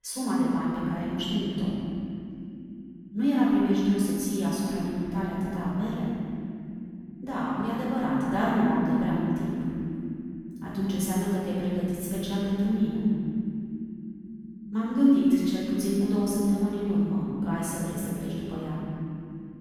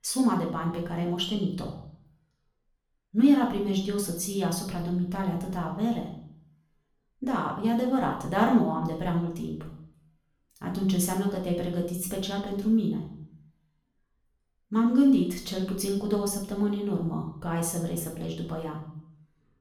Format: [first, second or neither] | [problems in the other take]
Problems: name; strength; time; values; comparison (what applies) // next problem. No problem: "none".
second | room echo; strong; dies away in 3 s; slight in the second // off-mic speech; far; far in the second